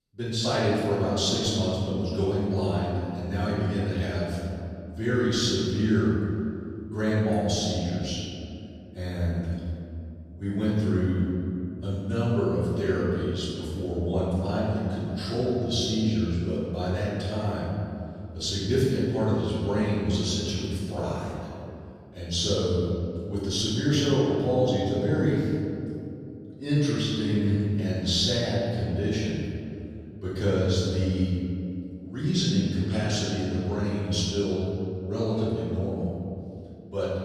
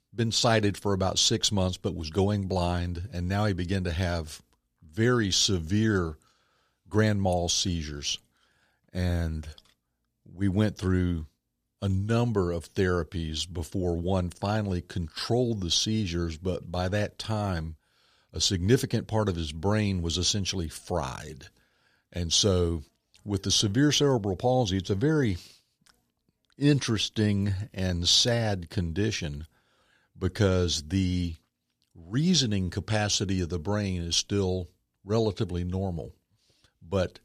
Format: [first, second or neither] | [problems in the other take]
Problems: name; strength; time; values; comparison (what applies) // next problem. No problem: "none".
second | room echo; strong; dies away in 2.7 s // off-mic speech; far